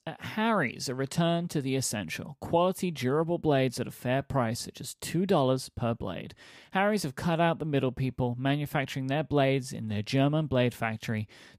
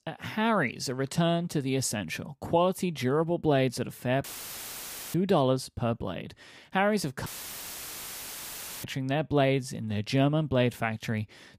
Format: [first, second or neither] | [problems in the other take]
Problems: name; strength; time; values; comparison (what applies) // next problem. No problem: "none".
first | audio cutting out; filled with static; at 4 s for 1 s and at 7.5 s for 1.5 s